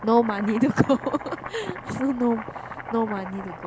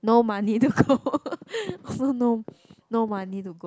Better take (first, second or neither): second